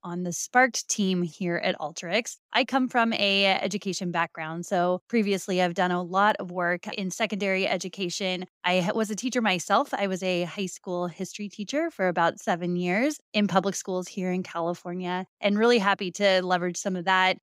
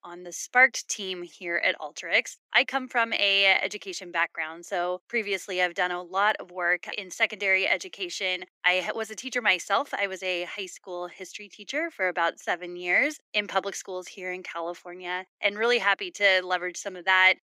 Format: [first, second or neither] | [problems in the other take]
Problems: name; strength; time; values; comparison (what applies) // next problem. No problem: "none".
first | thin; very; fading below 300 Hz